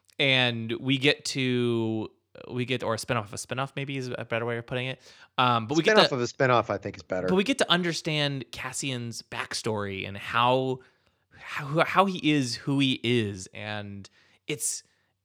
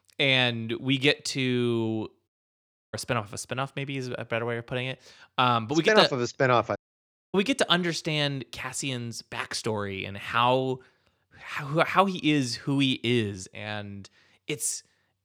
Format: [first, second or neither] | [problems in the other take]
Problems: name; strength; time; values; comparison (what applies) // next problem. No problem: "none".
first | audio cutting out; at 2.5 s for 0.5 s and at 7 s for 0.5 s